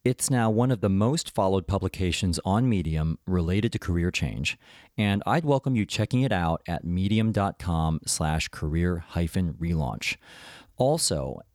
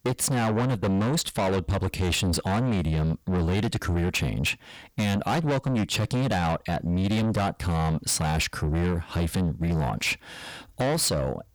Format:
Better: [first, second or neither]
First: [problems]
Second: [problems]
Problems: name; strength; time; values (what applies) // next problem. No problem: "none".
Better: first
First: none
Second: distortion; heavy; 7 dB below the speech